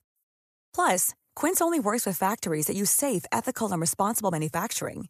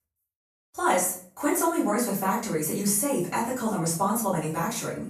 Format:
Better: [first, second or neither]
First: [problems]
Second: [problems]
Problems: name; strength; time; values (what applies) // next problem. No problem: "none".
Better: first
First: none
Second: off-mic speech; far // room echo; noticeable; dies away in 0.4 s